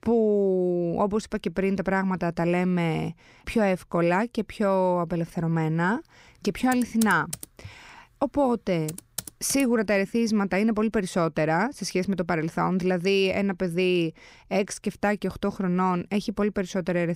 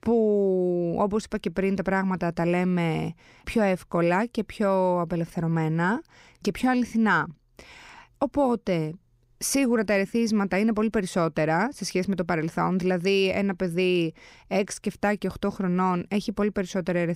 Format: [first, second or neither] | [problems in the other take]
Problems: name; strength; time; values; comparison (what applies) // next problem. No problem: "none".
second | keyboard typing; noticeable; from 6.5 to 9.5 s; peak 9 dB below the speech